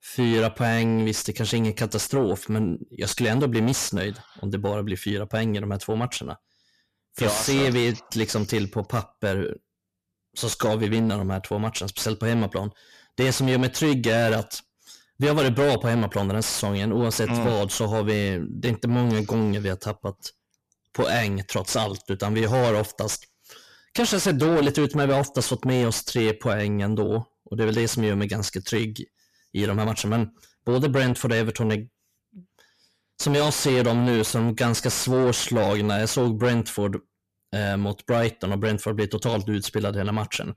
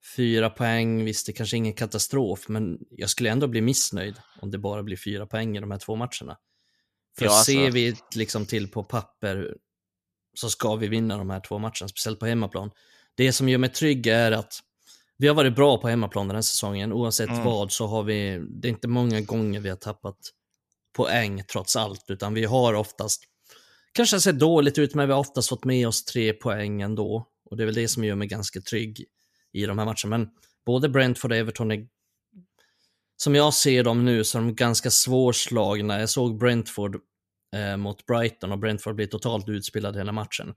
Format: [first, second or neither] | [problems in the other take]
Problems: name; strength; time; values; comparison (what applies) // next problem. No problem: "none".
second | distortion; heavy; 7 dB below the speech